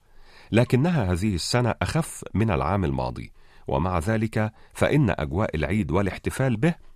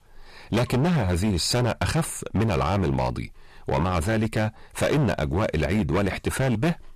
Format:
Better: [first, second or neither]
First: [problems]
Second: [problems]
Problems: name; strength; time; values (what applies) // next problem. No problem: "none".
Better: first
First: none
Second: distortion; heavy; 17% of the sound clipped